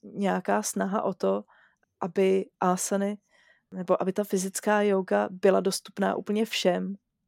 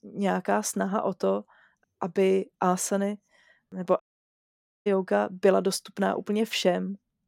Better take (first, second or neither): first